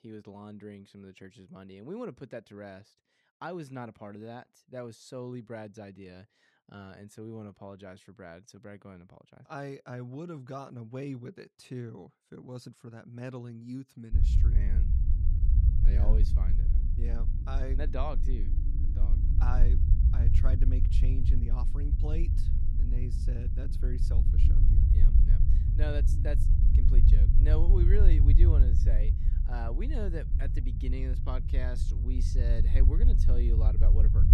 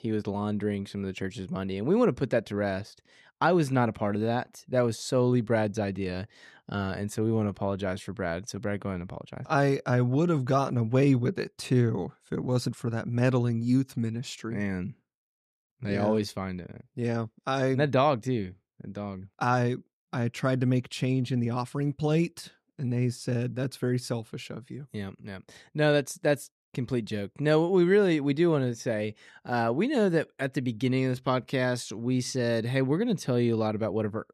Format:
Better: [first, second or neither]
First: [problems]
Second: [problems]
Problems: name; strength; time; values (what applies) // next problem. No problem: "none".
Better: second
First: low rumble; loud; from 14 s on; 3 dB below the speech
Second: none